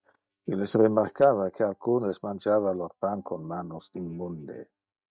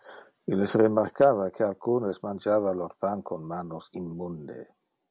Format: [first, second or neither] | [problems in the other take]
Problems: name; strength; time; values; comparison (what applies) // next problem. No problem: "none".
second | noise reduction (neural mask model DeepFilterNet 3)